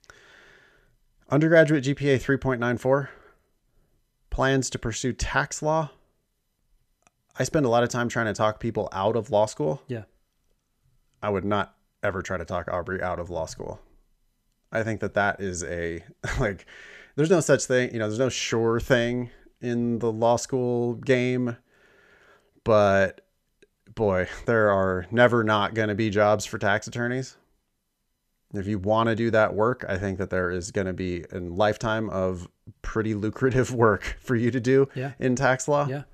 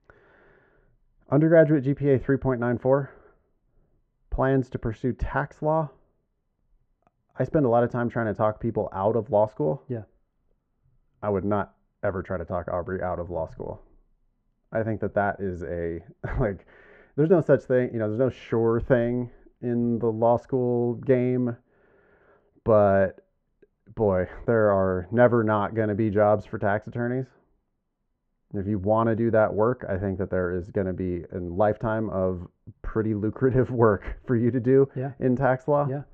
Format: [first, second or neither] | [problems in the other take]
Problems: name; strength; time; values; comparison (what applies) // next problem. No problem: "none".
first | muffled; very; fading above 3 kHz